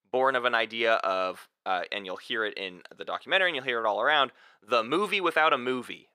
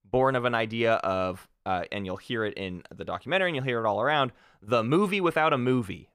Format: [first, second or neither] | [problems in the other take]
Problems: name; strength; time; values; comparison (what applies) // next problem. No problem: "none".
second | thin; somewhat; fading below 350 Hz